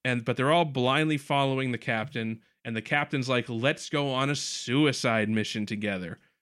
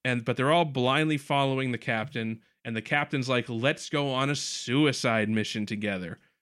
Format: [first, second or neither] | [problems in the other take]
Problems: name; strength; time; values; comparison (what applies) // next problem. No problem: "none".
neither | none